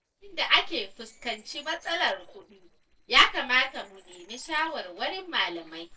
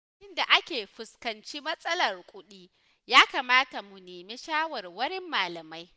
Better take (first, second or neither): second